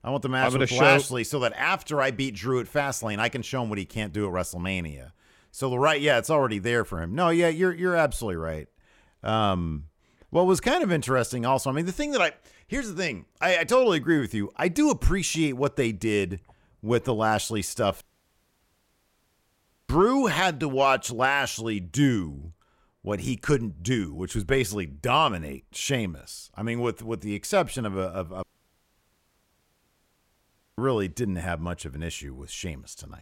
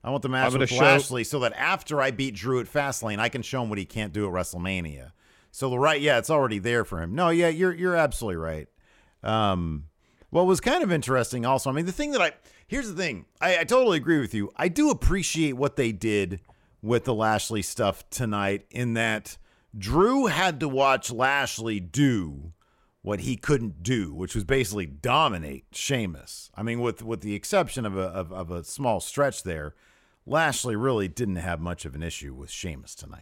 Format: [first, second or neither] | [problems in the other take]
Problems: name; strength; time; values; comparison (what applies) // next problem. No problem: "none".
second | audio cutting out; at 18 s for 2 s and at 28 s for 2.5 s